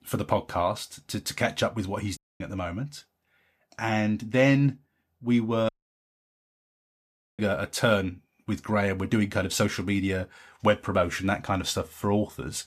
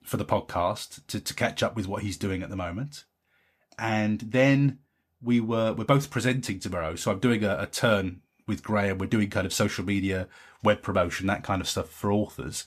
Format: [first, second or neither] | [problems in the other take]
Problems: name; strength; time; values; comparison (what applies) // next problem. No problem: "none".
second | audio cutting out; at 2 s and at 5.5 s for 1.5 s